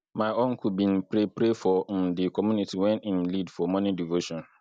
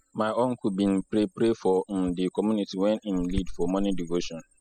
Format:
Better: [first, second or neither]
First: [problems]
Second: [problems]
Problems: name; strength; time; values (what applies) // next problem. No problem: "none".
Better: first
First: none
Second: noise reduction (classical method spectral subtraction)